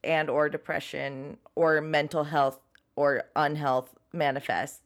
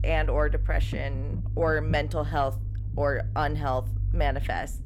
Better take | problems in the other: first | low rumble; noticeable; throughout; 20 dB below the speech

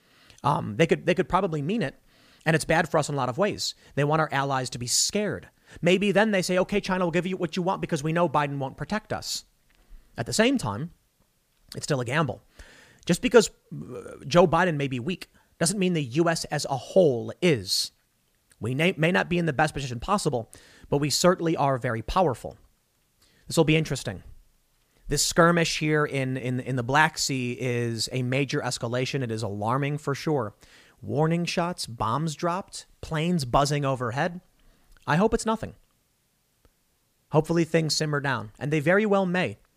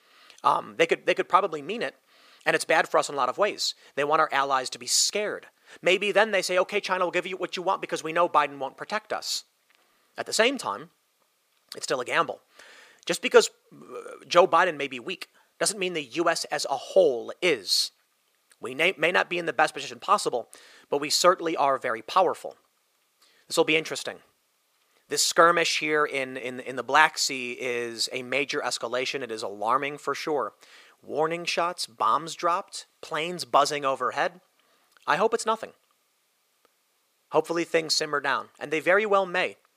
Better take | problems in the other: first | thin; very; fading below 450 Hz

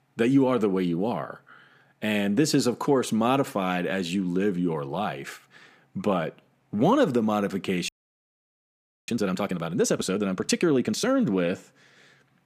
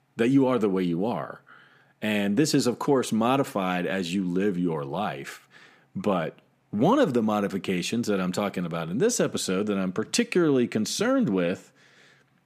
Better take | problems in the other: second | audio freezing; at 8 s for 1 s

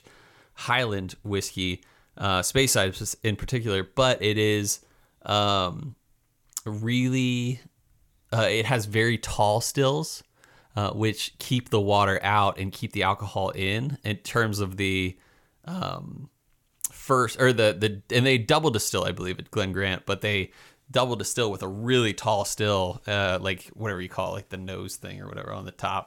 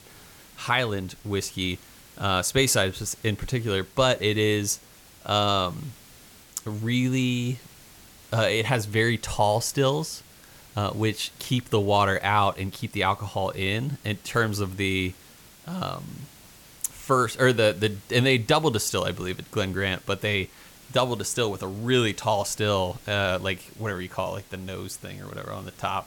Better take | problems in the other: first | hiss; faint; throughout; 25 dB below the speech

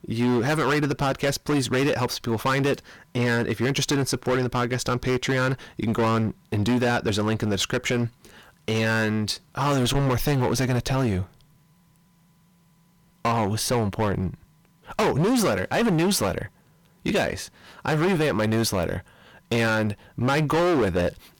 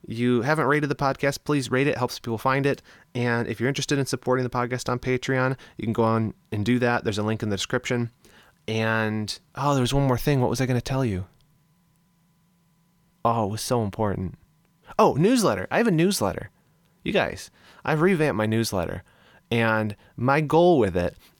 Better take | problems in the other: second | distortion; heavy; 16% of the sound clipped

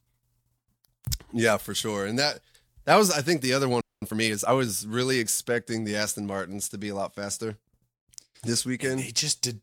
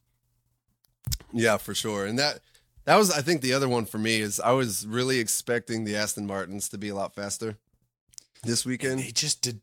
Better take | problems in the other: second | audio freezing; at 4 s

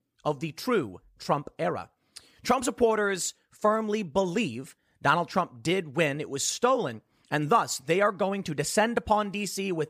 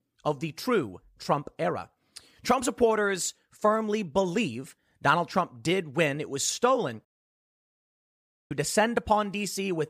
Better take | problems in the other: first | audio cutting out; at 7 s for 1.5 s

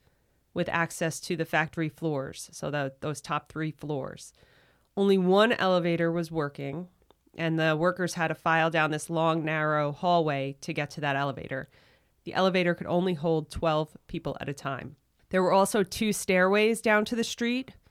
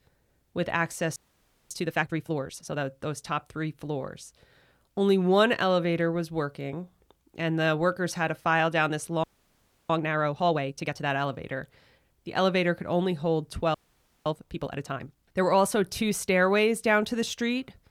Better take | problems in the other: first | audio freezing; at 1 s for 0.5 s, at 9 s for 0.5 s and at 14 s for 0.5 s

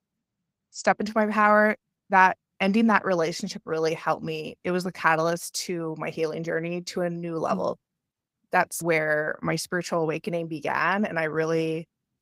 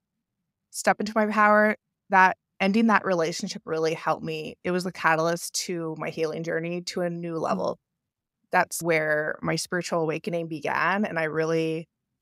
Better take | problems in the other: second | garbled, watery; slightly; nothing above 15.5 kHz

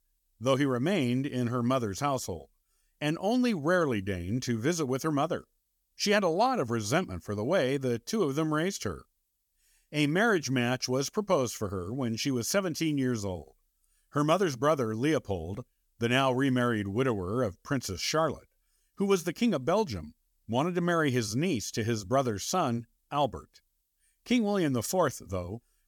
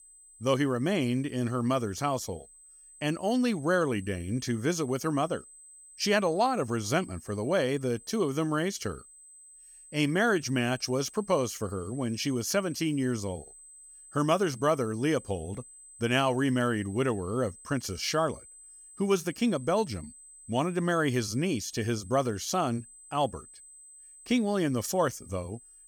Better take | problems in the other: first | high-pitched whine; noticeable; throughout; 8 kHz, 20 dB below the speech

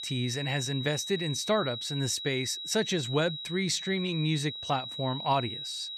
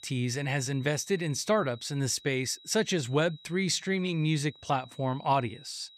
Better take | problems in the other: second | high-pitched whine; loud; throughout; 4 kHz, 6 dB below the speech; faint in the second

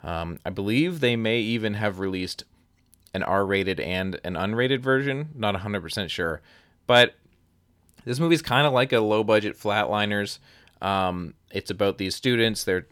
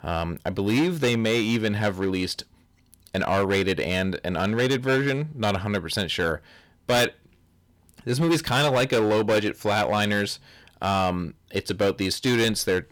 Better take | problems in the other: first | distortion; heavy; 9% of the sound clipped

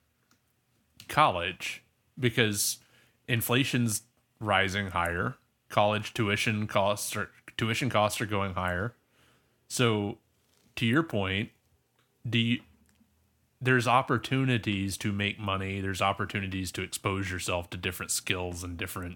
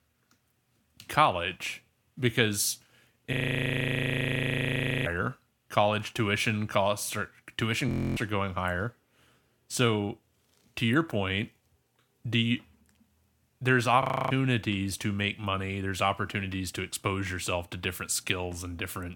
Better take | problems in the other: first | audio freezing; at 3.5 s for 1.5 s, at 8 s and at 14 s

